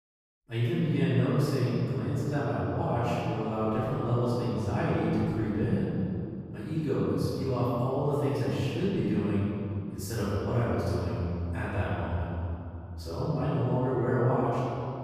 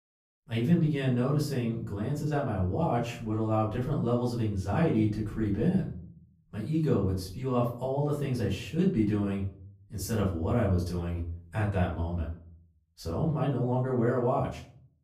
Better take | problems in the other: second | room echo; strong; dies away in 2.8 s; slight in the second // off-mic speech; far; far in the second

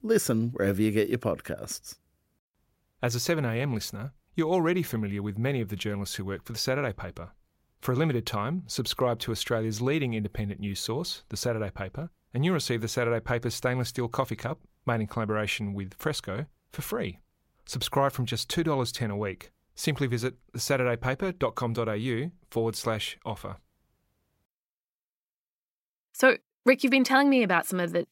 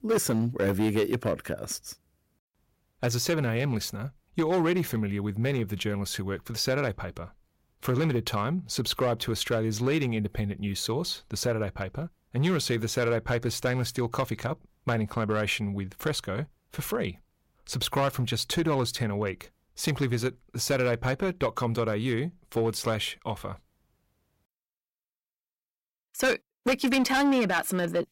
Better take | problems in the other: first | distortion; slight; 4% of the sound clipped

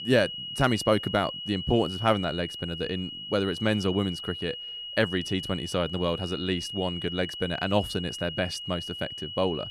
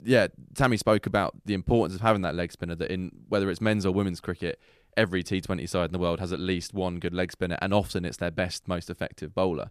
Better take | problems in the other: second | high-pitched whine; loud; throughout; 3 kHz, 7 dB below the speech

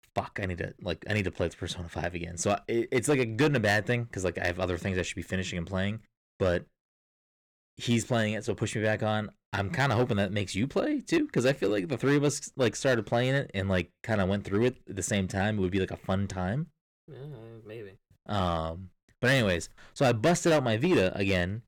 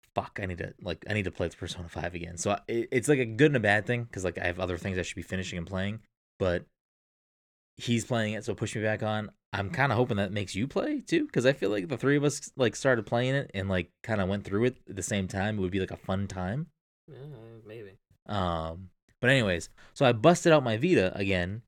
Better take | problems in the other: second | distortion; slight; 4% of the sound clipped

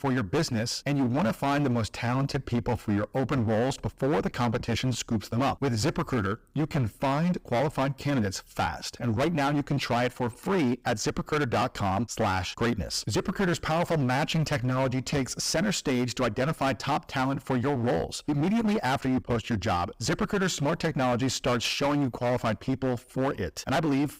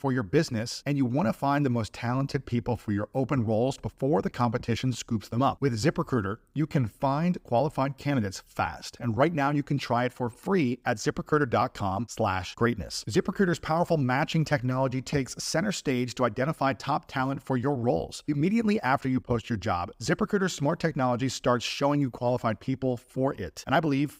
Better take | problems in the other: second | distortion; heavy; 18% of the sound clipped

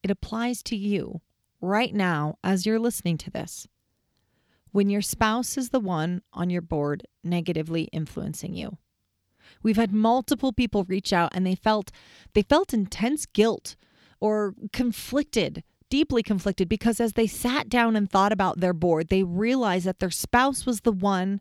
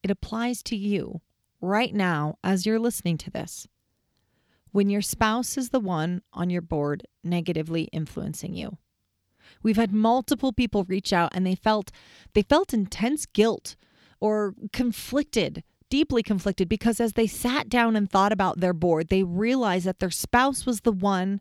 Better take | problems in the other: neither | none

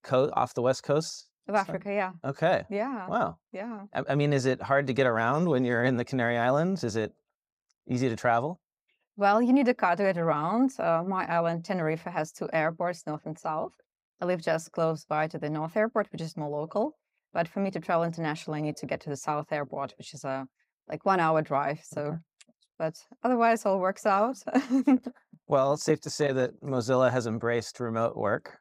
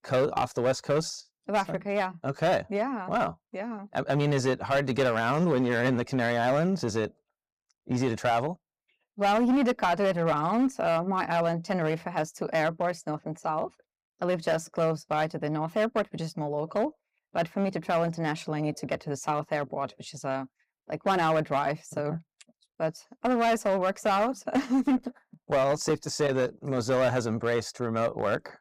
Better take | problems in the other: first | distortion; slight; 6% of the sound clipped

